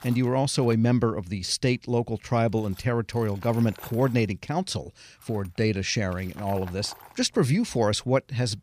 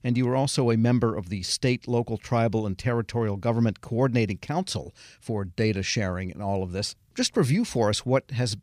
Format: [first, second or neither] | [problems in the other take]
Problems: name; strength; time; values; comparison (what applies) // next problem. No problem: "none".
second | machinery noise; faint; throughout; 20 dB below the speech